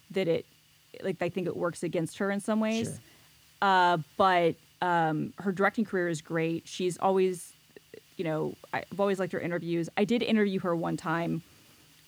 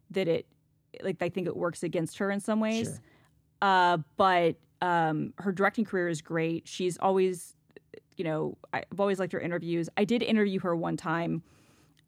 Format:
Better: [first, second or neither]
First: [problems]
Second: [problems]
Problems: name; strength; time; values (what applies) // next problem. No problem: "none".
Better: second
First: hiss; faint; throughout; 30 dB below the speech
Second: none